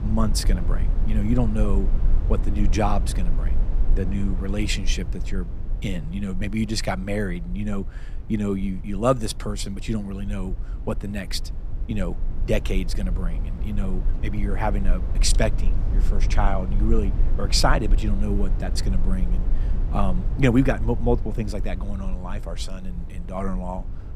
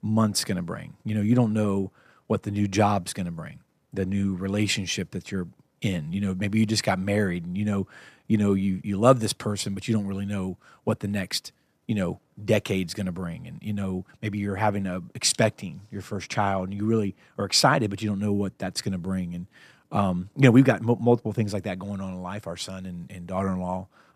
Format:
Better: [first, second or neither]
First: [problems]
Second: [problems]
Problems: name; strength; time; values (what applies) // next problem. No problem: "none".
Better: second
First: low rumble; noticeable; throughout; 15 dB below the speech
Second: none